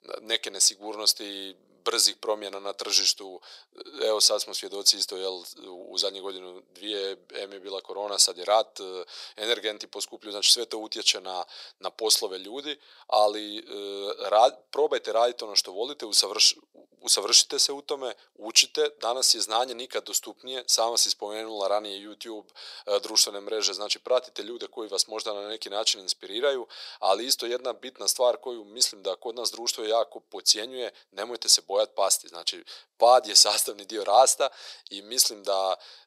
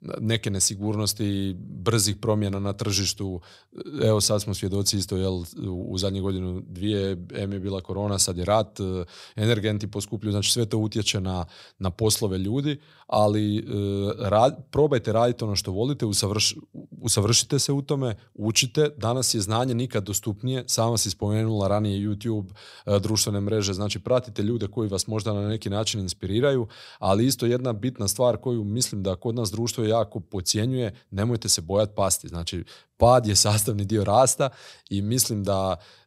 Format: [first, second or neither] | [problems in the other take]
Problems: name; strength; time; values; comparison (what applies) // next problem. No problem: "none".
second | thin; very; fading below 450 Hz